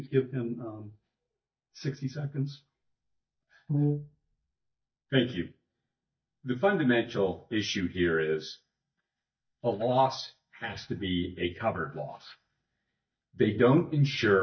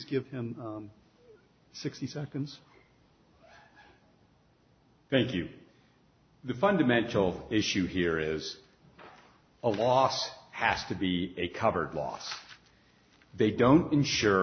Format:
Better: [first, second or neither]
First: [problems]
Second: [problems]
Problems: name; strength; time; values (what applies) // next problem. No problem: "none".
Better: second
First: noise reduction (neural mask model DeepFilterNet 3)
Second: none